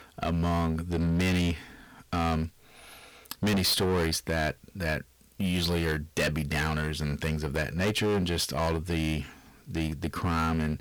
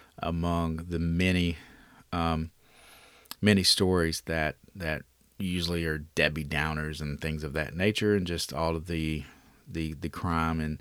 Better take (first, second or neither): second